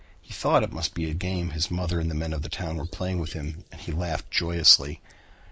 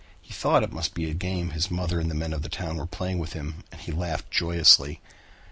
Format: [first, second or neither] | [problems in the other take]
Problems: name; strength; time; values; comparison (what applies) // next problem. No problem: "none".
second | noise reduction (neural mask model Resemble Enhance denoiser)